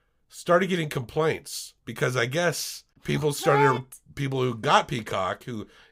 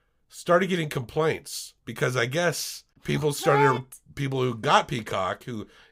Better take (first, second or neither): neither